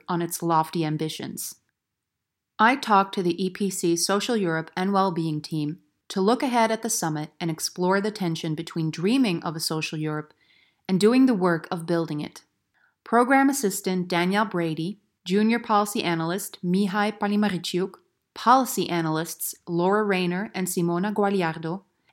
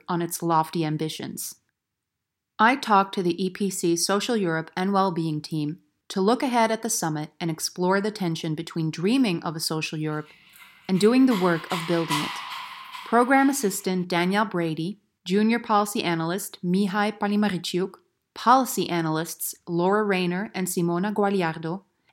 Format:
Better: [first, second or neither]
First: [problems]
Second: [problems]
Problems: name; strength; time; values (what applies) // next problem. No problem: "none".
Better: first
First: none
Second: dog barking; noticeable; from 11 to 13 s; peak 3 dB below the speech